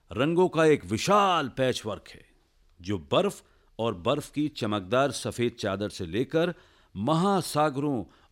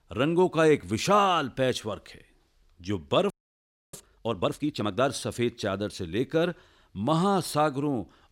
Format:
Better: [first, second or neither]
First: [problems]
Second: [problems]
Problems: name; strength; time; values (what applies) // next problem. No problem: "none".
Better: first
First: none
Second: audio freezing; at 3.5 s for 0.5 s